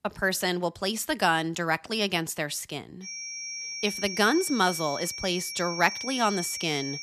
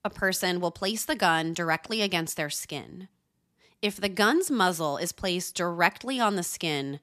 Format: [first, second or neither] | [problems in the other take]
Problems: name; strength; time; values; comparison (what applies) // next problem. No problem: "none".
second | high-pitched whine; loud; from 3 s on; 5.5 kHz, 7 dB below the speech